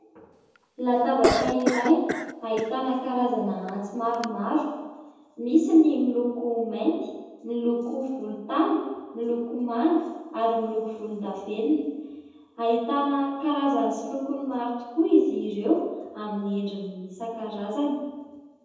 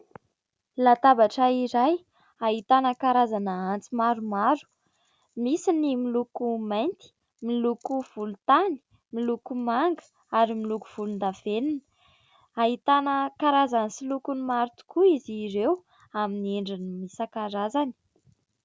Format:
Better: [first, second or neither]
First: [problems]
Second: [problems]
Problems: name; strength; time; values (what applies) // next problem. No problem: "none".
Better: second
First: background sound (Cough); 6 dB below the speech // room echo; dies away in 1.1 s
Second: none